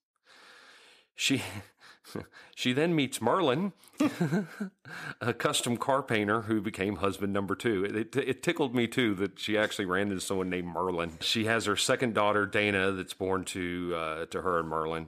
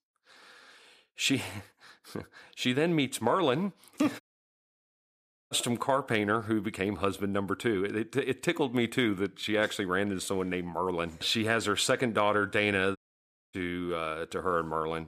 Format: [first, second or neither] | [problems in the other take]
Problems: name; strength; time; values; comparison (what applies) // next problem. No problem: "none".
first | audio cutting out; at 4 s for 1.5 s and at 13 s for 0.5 s